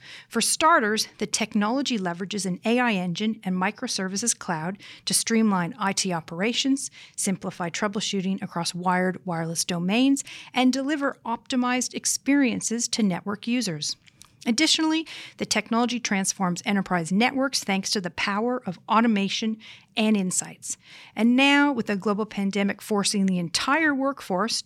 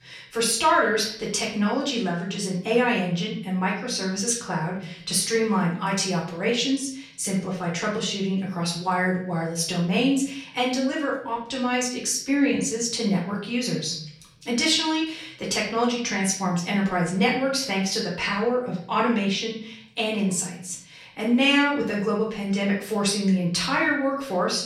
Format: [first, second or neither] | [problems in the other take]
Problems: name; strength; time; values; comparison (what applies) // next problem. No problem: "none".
first | room echo; slight; dies away in 0.6 s // off-mic speech; far